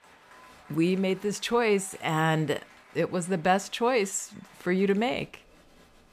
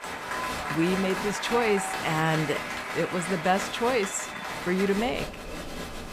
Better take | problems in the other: first | crowd noise; loud; throughout; 5 dB below the speech; faint in the first

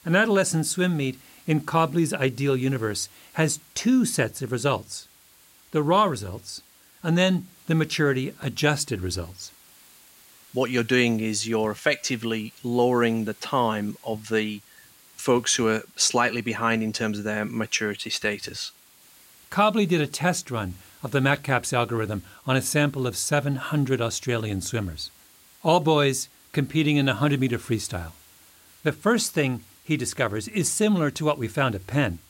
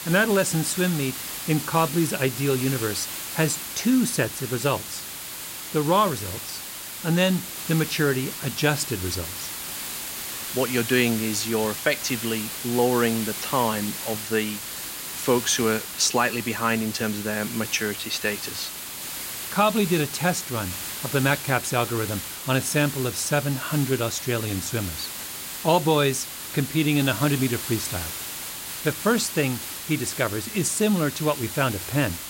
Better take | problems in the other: first | hiss; loud; throughout; 7 dB below the speech; faint in the first

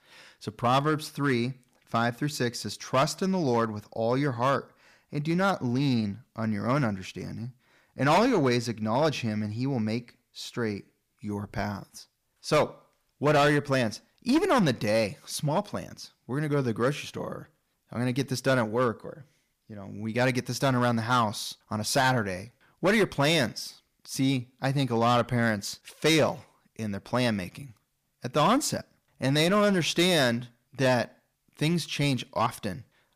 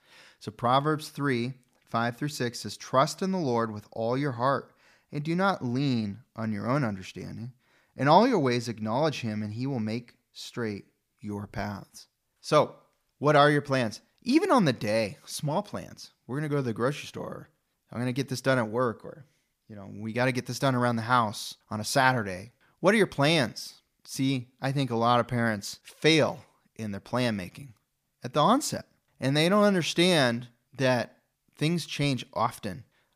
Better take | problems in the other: second | distortion; slight; 5% of the sound clipped

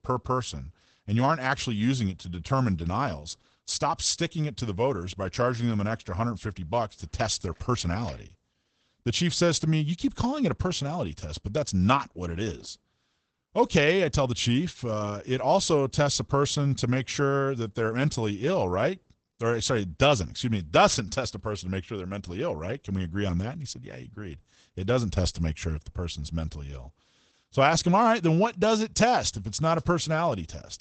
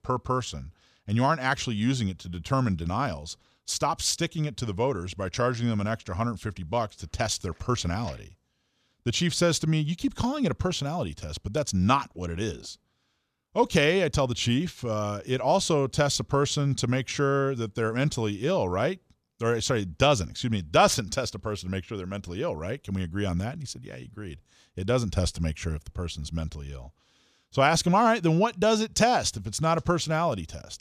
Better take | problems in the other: second | garbled, watery; badly; nothing above 8 kHz

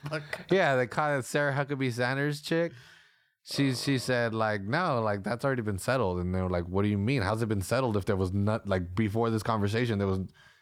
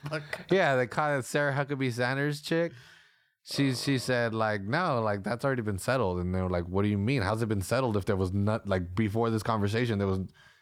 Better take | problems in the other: neither | none

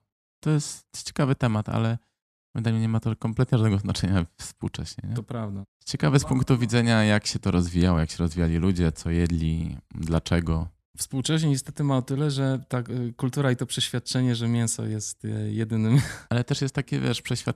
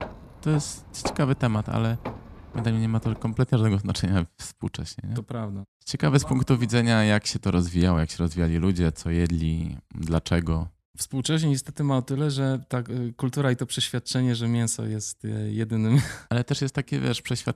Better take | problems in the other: first | footsteps; noticeable; until 3.5 s; peak 8 dB below the speech

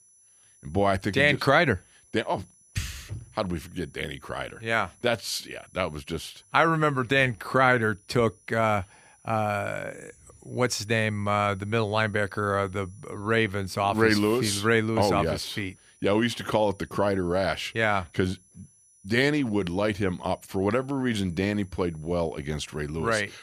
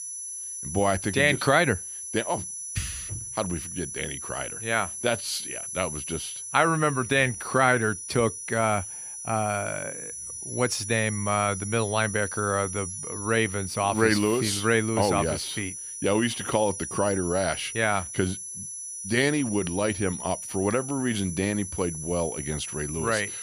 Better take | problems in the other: first | high-pitched whine; loud; throughout; 10.5 kHz, 7 dB below the speech; faint in the first

